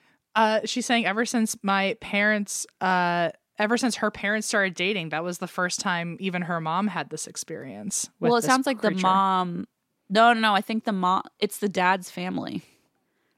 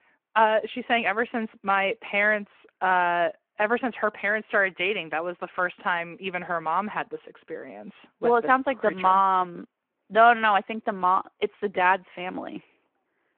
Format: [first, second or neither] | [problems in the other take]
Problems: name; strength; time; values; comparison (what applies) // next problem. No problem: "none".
first | phone-call audio